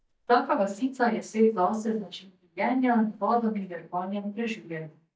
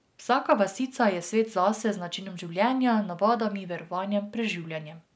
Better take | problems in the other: second | noise reduction (neural mask model DeepFilterNet 3)

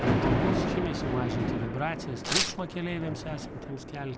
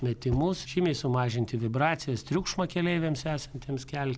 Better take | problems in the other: second | background sound (Thunder + Tearing); 4 dB above the speech

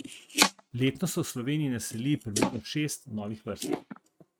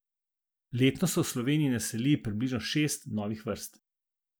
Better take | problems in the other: second | noise reduction (neural mask model RNNoise)

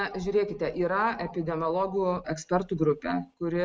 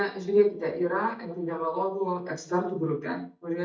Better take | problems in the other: first | noise reduction (neural mask model DeepFilterNet 3)

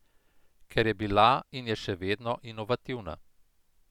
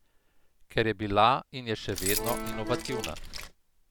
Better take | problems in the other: first | background sound (Accordion + Keys jangling); 4 dB below the speech

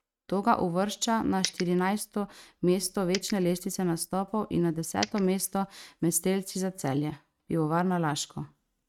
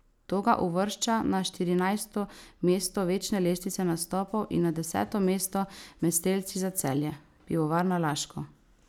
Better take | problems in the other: second | noise reduction (neural mask model RNNoise)

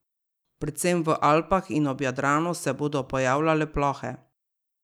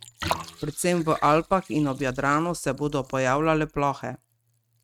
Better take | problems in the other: first | noise reduction (neural mask model RNNoise)

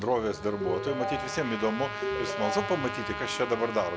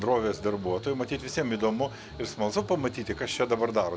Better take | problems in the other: second | background sound (Trumpet + Ringtone); 4 dB below the speech

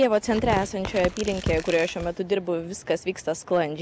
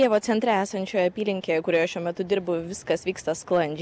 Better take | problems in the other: second | background sound (Tearing); 9 dB below the speech

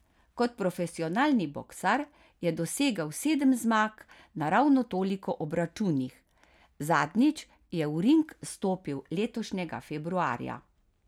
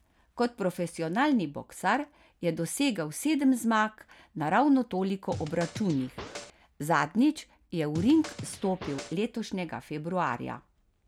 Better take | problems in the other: first | background sound (Scratching (performance technique)); 12 dB below the speech

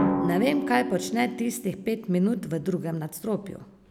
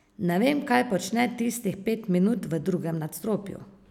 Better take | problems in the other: second | background sound (Drum); 5 dB below the speech

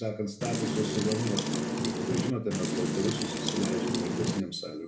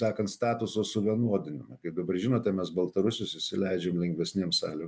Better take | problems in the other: second | background sound (Wind); 2 dB above the speech // room echo; dies away in 0.5 s

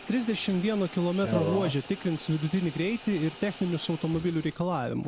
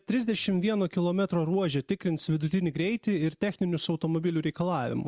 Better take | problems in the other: second | background sound (Bathtub (filling or washing) / Water tap, faucet); 11 dB below the speech

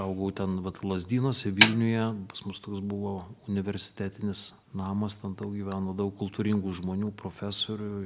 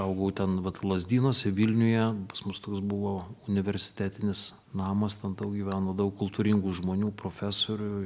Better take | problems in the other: second | background sound (Snare drum); 4 dB above the speech

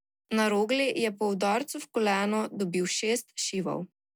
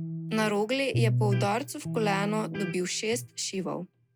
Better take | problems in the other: first | background sound (Electric guitar); 3 dB below the speech

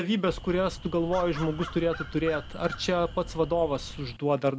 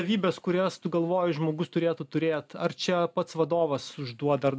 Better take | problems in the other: second | background sound (Crow); 12 dB below the speech

